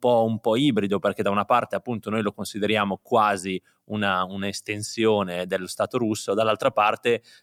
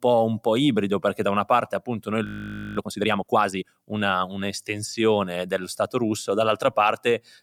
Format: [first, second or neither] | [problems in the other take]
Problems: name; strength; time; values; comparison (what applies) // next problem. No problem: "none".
first | audio freezing; at 2.5 s for 0.5 s